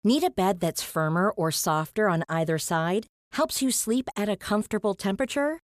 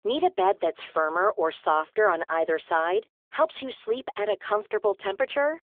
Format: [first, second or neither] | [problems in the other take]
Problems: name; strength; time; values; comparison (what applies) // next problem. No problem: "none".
first | phone-call audio; nothing above 3.5 kHz